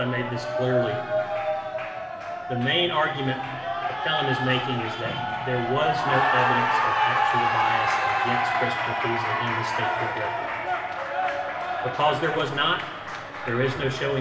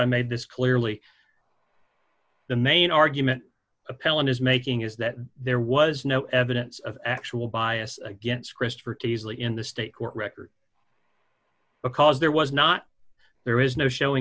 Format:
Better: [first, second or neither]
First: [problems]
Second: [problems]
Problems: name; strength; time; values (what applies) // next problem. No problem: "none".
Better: second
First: background sound (Cheering); 2 dB above the speech // room echo; dies away in 2.9 s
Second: none